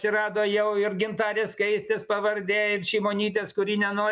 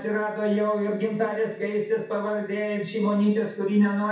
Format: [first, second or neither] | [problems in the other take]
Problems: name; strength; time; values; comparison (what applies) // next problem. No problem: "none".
first | room echo; dies away in 0.6 s